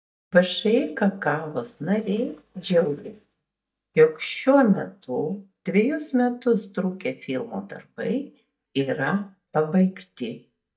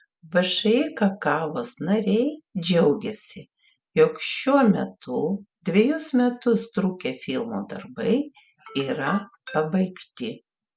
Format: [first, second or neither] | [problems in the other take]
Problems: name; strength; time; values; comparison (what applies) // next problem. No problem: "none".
second | noise reduction (neural mask model DeepFilterNet 3)